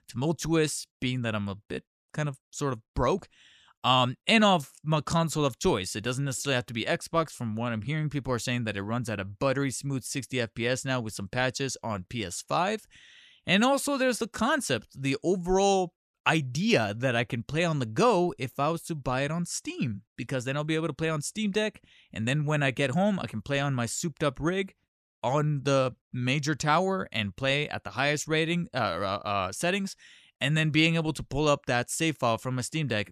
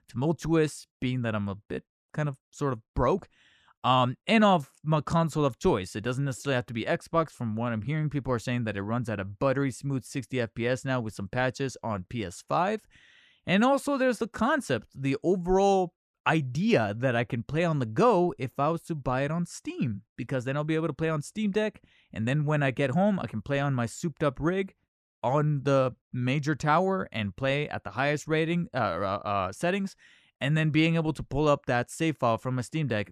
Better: first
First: none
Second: muffled; slightly; fading above 2.5 kHz

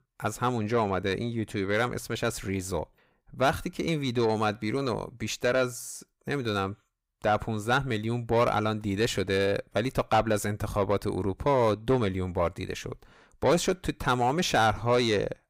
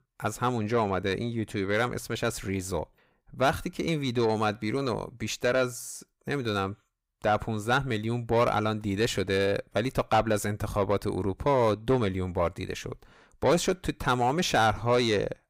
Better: neither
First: distortion; slight; 10 dB below the speech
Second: distortion; slight; 10 dB below the speech

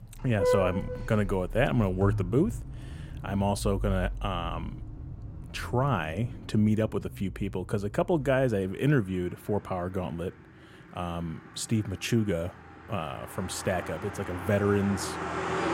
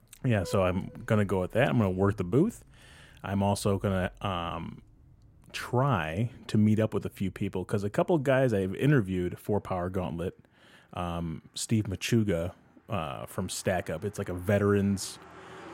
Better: second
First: traffic noise; loud; throughout; 7 dB below the speech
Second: traffic noise; faint; throughout; 25 dB below the speech

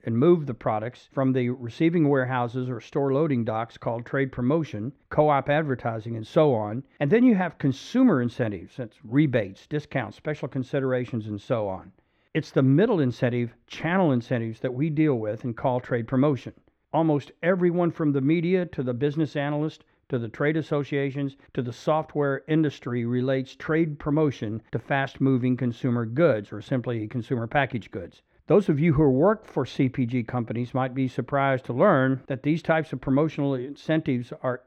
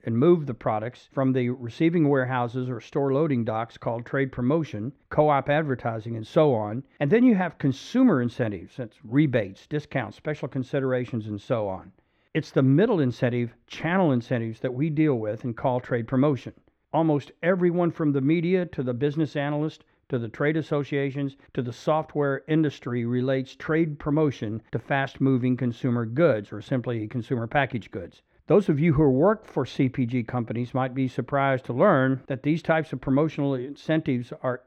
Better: neither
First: muffled; very; fading above 3.5 kHz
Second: muffled; very; fading above 3.5 kHz

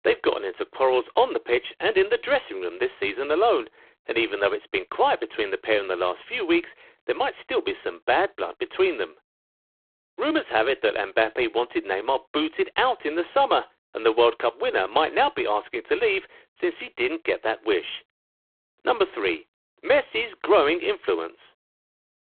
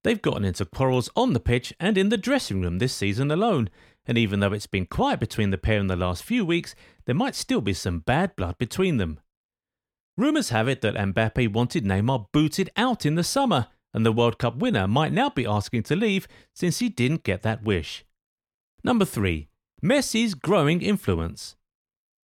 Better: second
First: phone-call audio; poor line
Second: none

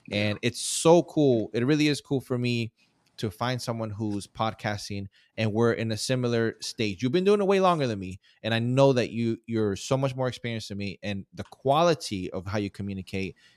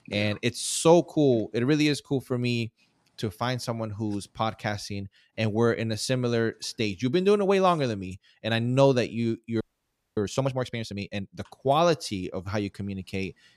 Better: first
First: none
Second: audio freezing; at 9.5 s for 0.5 s

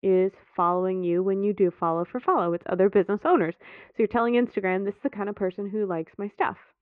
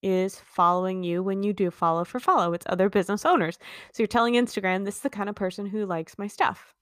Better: second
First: muffled; very; fading above 2.5 kHz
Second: none

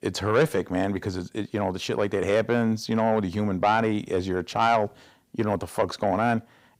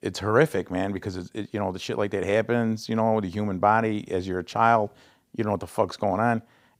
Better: second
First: distortion; slight; 10 dB below the speech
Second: none

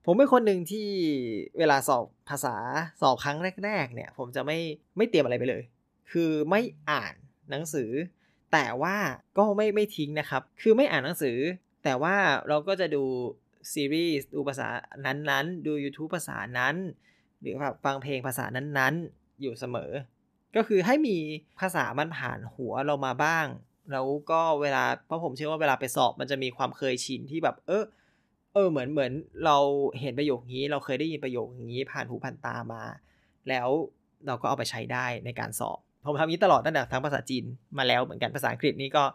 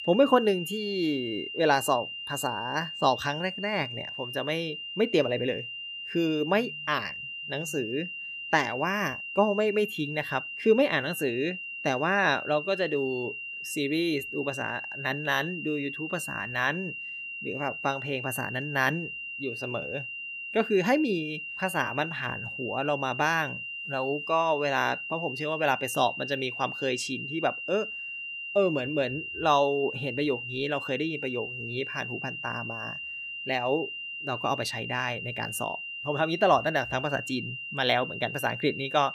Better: first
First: none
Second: high-pitched whine; loud; throughout; 3 kHz, 6 dB below the speech

